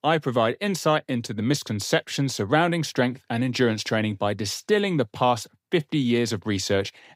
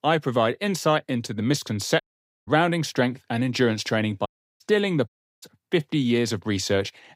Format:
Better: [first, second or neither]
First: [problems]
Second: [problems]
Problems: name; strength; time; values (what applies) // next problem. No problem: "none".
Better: first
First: none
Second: audio cutting out; at 2 s, at 4.5 s and at 5 s